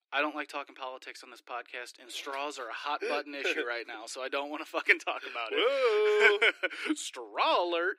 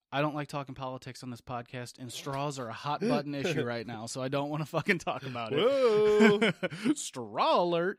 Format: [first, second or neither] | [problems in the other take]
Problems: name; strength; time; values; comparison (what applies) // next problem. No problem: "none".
second | thin; very; fading below 300 Hz